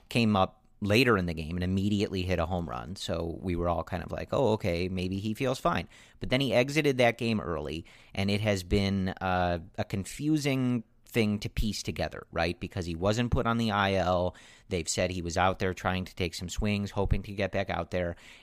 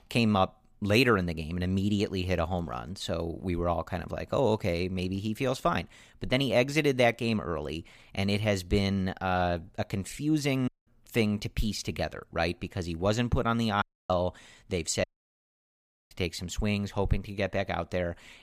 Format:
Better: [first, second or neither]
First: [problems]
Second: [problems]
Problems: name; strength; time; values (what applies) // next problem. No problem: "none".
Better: first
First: none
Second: audio cutting out; at 11 s, at 14 s and at 15 s for 1 s